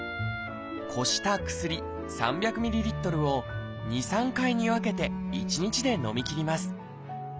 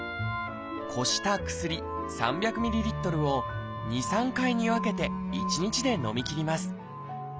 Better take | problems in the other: first | background sound (Glass); 11 dB below the speech

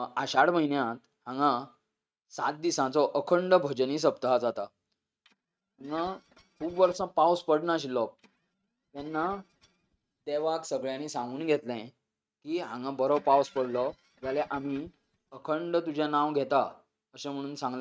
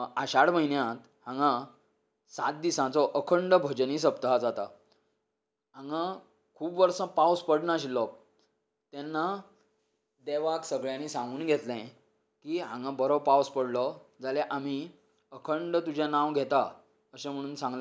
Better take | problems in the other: second | noise reduction (neural mask model RNNoise)

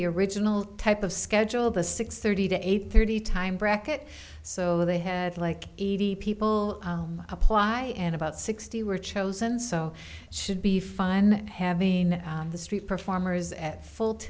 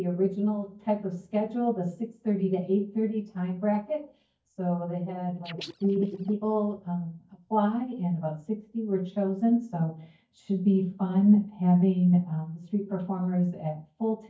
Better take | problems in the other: first | noise reduction (neural mask model DeepFilterNet 3)

